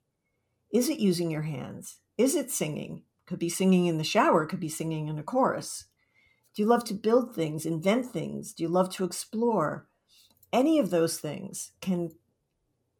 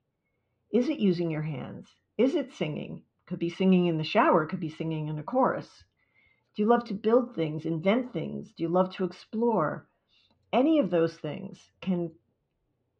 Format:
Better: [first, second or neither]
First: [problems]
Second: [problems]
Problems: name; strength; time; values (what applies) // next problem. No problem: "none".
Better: first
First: none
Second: muffled; slightly; fading above 3.5 kHz